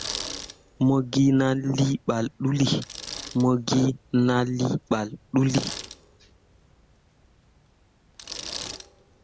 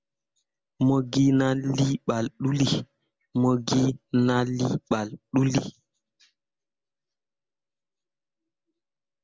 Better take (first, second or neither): second